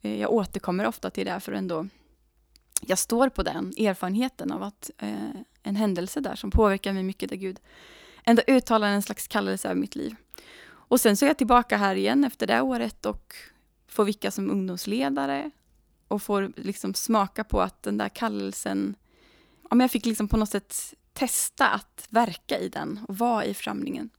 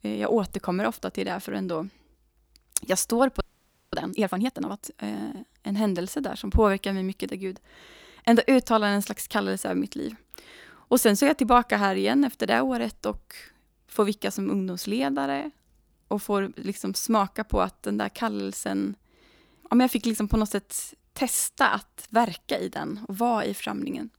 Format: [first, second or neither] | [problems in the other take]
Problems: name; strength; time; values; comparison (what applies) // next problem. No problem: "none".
first | audio freezing; at 3.5 s for 0.5 s